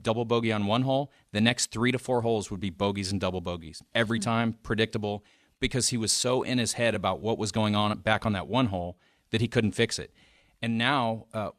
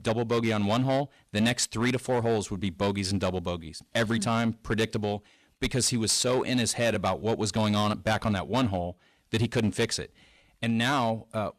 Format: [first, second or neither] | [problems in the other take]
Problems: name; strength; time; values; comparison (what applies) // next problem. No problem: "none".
first | distortion; slight; 7% of the sound clipped